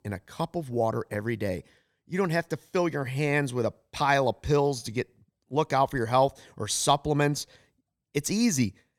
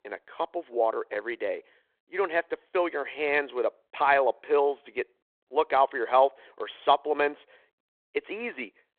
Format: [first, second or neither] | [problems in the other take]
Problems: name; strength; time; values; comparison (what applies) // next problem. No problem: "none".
first | phone-call audio